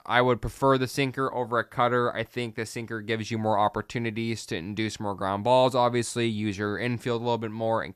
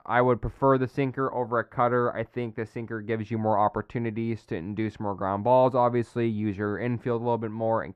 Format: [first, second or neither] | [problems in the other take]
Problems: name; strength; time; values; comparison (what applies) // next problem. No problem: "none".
first | muffled; very; fading above 3 kHz